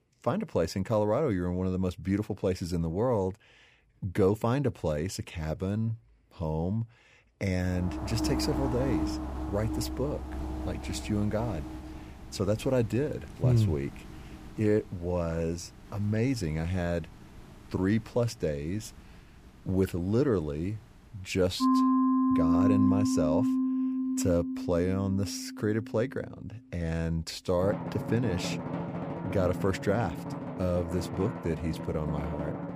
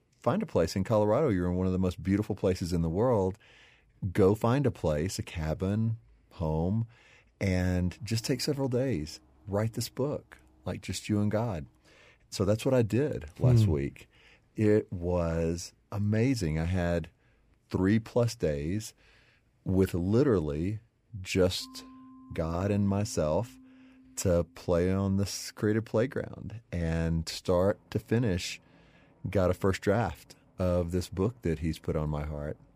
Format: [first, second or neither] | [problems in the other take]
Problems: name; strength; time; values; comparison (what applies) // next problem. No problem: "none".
second | background music; loud; from 8 s on; 1 dB below the speech; faint in the second